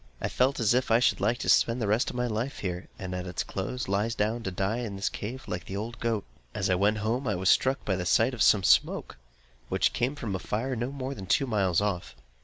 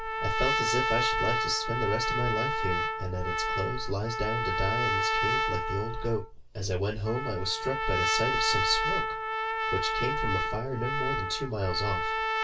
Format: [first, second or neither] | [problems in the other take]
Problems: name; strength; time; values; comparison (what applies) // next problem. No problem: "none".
first | background sound (Trumpet); 1 dB above the speech // room echo; dies away in 0.2 s